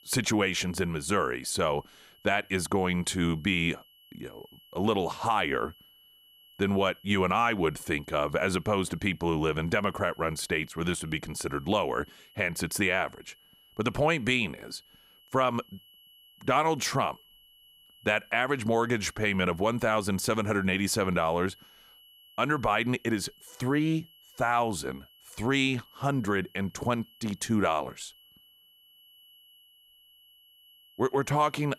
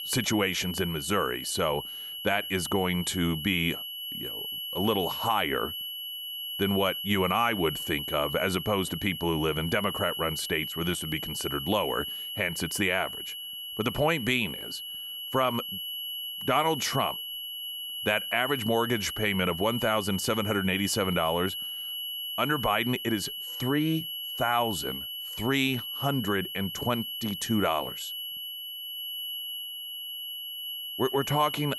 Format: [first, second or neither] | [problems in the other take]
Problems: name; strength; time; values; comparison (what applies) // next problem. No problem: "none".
first | high-pitched whine; loud; throughout; 3 kHz, 5 dB below the speech; faint in the first